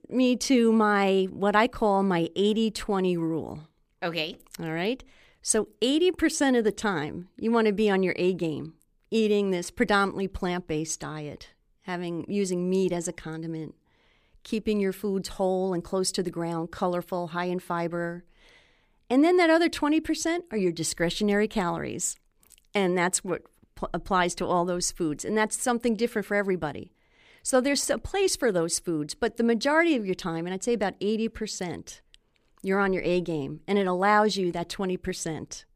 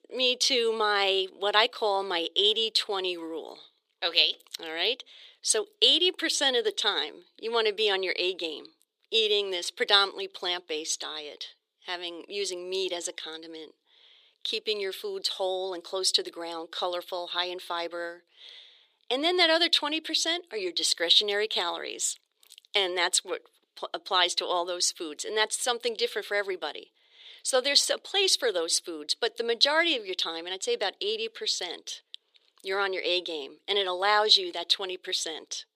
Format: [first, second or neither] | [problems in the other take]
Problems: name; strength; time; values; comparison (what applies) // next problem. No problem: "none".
first | thin; very; fading below 400 Hz